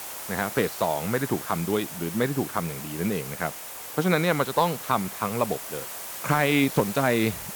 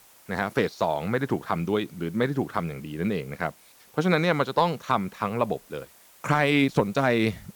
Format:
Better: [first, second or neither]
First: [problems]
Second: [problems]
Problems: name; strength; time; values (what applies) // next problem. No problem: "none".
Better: second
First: hiss; loud; throughout; 8 dB below the speech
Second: hiss; faint; throughout; 25 dB below the speech